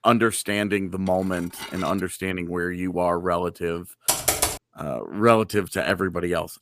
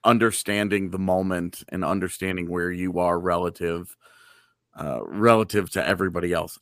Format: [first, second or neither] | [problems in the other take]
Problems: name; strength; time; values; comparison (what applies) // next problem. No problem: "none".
second | clattering dishes; faint; at 1 s; peak 10 dB below the speech // keyboard typing; loud; at 4 s; peak 4 dB above the speech